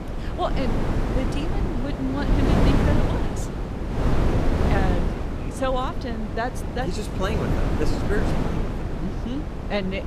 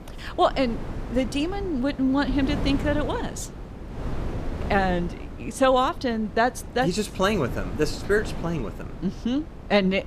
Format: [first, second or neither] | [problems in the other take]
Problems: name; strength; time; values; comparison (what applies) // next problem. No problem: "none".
second | wind noise on the microphone; heavy; as loud as the speech; occasional gusts in the second